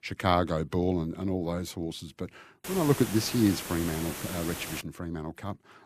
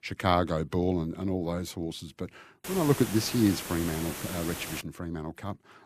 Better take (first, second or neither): neither